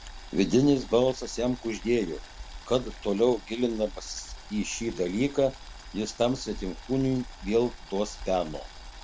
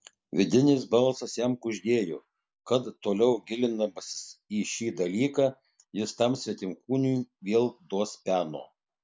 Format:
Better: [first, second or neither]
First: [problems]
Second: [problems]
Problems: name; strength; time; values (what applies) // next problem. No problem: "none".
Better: second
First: background sound (Boiling); 14 dB below the speech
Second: none